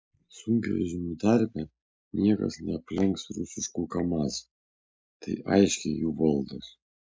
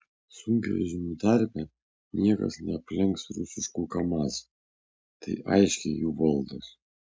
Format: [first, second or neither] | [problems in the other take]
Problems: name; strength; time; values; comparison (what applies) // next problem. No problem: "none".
second | noise reduction (neural mask model Resemble Enhance denoiser)